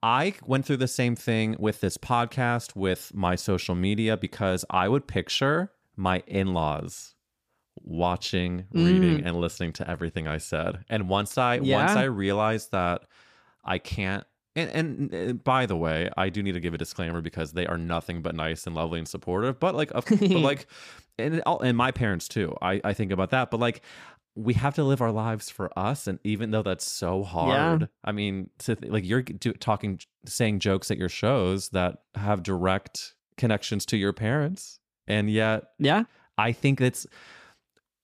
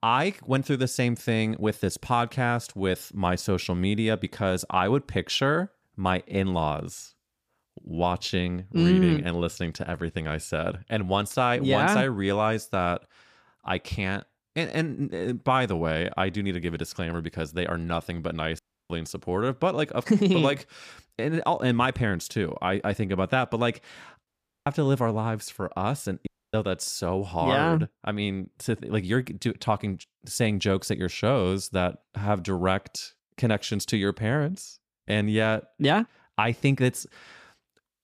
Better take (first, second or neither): first